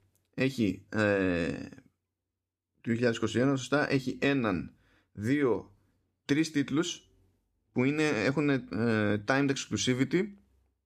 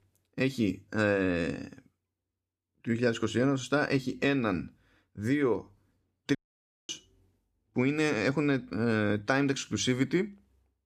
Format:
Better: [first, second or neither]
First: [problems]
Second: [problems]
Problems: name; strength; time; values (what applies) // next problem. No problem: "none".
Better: first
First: none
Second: audio cutting out; at 6.5 s for 0.5 s